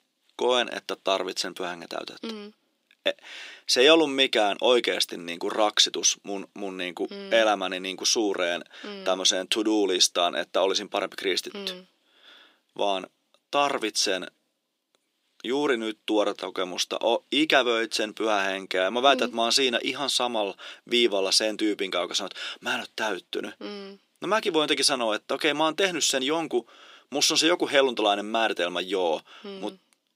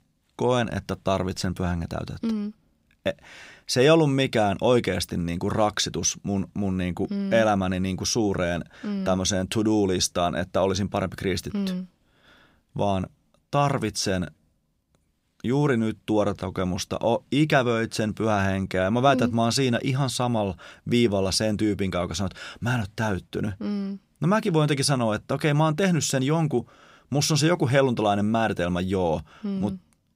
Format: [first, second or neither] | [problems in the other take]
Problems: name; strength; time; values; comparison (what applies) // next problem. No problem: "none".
second | thin; somewhat; fading below 300 Hz